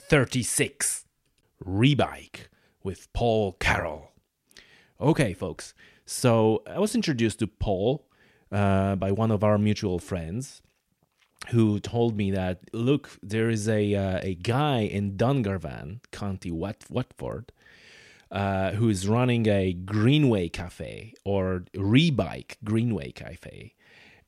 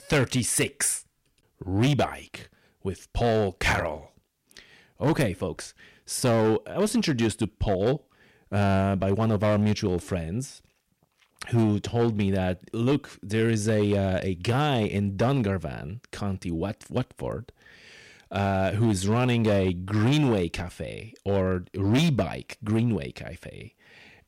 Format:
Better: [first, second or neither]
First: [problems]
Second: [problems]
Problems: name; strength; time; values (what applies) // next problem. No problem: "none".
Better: first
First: none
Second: distortion; slight; 6% of the sound clipped